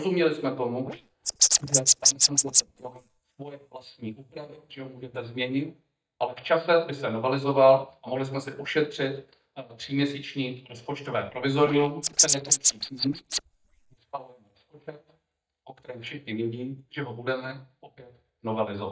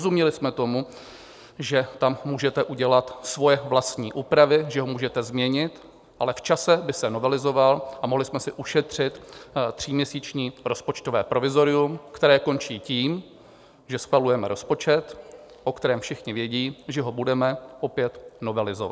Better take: second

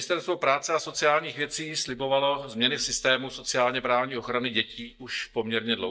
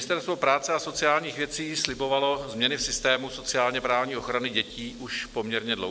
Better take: second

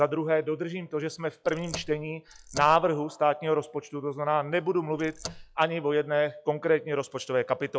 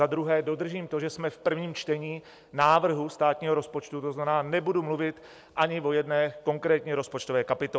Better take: second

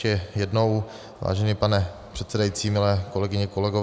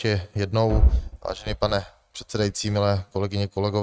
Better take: first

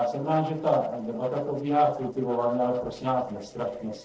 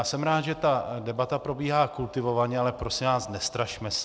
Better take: second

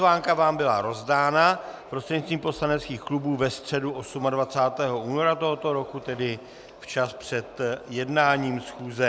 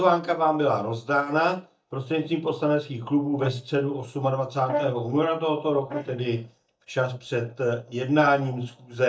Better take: first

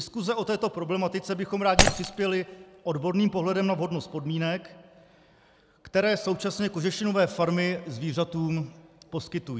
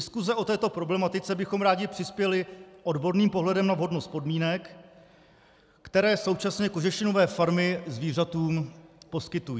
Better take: second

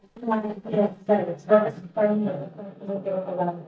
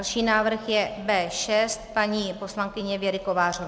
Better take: second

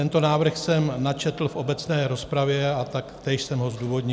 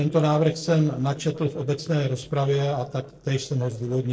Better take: first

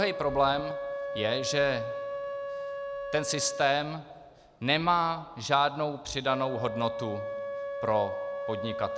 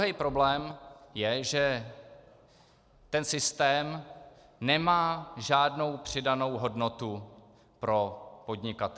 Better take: second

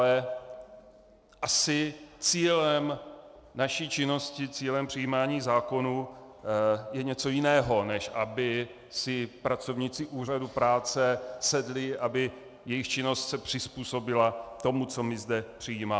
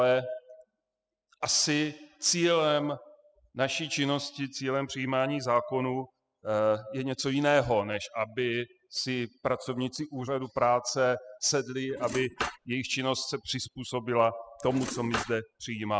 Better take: first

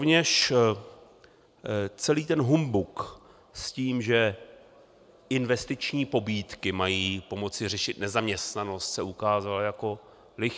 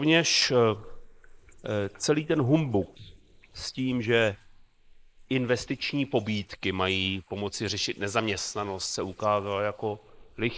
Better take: first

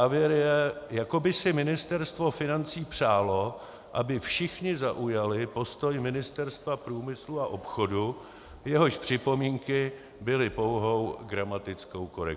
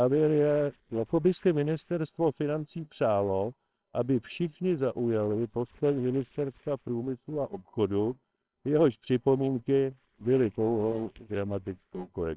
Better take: first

